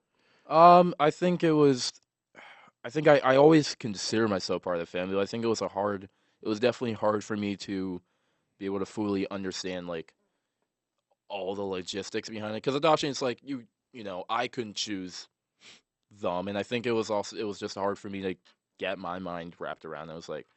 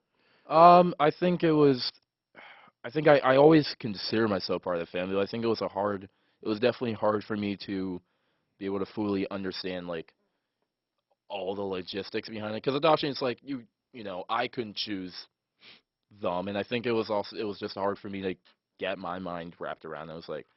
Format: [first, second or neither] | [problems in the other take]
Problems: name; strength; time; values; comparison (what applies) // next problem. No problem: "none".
first | garbled, watery; badly; nothing above 5.5 kHz; slightly in the first